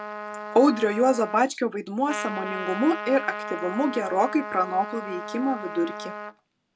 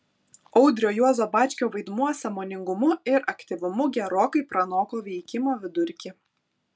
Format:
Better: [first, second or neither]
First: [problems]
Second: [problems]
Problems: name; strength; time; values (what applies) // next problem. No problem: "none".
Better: second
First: background sound (Trumpet); 9 dB below the speech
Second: none